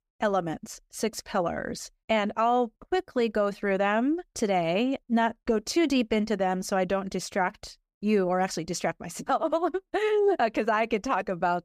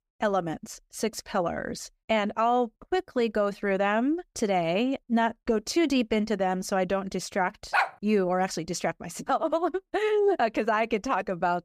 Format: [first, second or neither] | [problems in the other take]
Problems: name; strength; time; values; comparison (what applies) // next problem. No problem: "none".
first | dog barking; loud; at 7.5 s; peak level with the speech